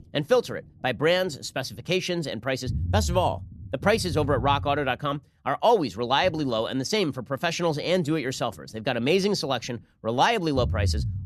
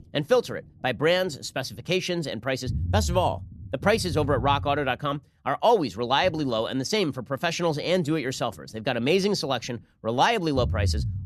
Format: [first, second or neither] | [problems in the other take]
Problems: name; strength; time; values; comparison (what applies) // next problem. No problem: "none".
neither | low rumble; faint; throughout; 20 dB below the speech; the same in both